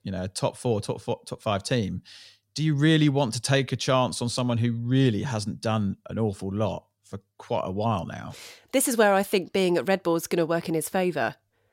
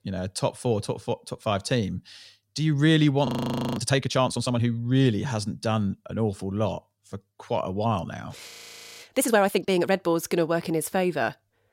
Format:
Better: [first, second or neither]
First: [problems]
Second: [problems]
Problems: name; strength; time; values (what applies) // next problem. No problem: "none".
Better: first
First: none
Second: audio freezing; at 3.5 s and at 8.5 s for 0.5 s